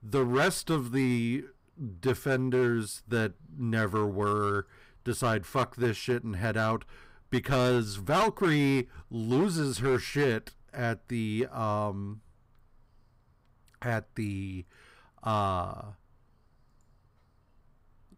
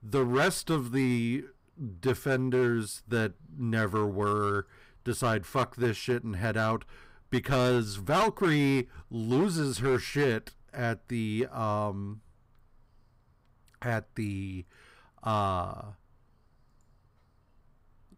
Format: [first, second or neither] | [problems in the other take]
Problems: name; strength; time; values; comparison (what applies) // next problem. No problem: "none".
neither | distortion; slight; 5% of the sound clipped; the same in both